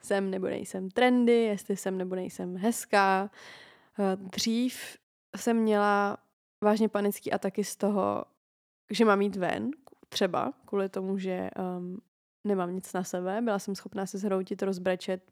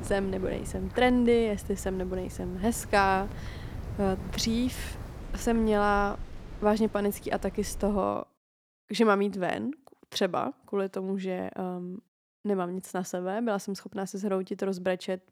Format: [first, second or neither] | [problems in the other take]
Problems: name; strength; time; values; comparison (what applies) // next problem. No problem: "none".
first | wind in the background; noticeable; until 8 s; 15 dB below the speech